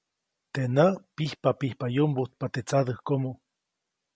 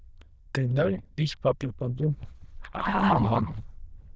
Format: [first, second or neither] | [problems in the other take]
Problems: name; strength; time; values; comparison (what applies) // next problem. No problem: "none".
first | noise reduction (neural diffusion model UNIVERSE++)